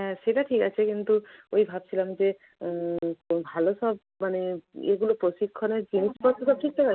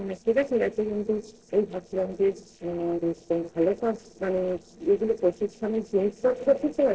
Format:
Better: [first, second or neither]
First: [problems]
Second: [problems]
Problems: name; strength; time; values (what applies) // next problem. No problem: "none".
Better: first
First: none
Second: noise reduction (neural separator model SepFormer DNS4)